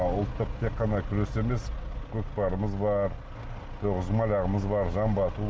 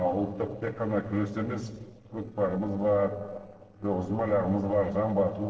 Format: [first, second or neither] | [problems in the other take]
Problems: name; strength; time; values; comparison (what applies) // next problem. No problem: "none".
first | noise reduction (neural separator model SepFormer DNS4)